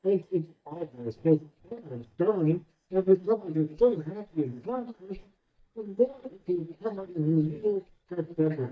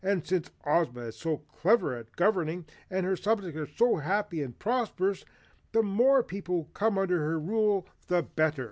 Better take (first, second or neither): second